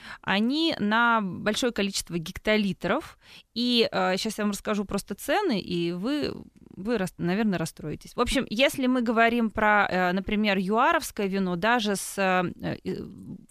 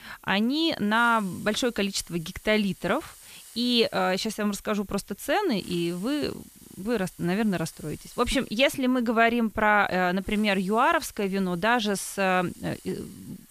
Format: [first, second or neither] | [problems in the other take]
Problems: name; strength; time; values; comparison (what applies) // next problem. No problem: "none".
first | hiss; faint; throughout; 25 dB below the speech